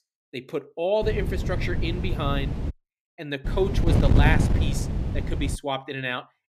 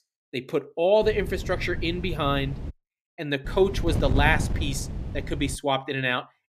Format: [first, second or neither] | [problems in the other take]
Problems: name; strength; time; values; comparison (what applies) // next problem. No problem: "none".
second | wind noise on the microphone; heavy; from 1 to 2.5 s and from 3.5 to 5.5 s; 6 dB below the speech; occasional gusts in the second